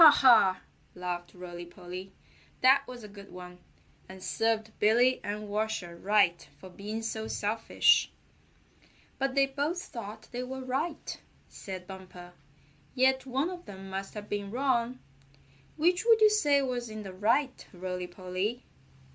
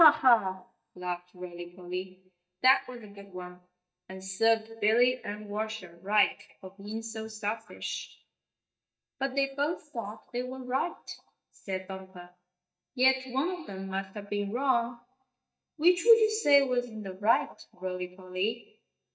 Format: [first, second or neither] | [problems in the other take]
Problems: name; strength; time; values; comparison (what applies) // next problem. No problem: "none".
first | noise reduction (neural mask model DeepFilterNet 3)